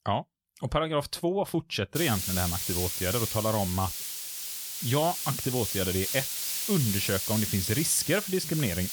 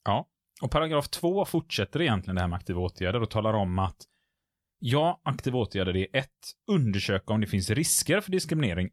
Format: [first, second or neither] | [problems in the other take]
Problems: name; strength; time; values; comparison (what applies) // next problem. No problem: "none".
second | hiss; loud; from 2 s on; 1 dB below the speech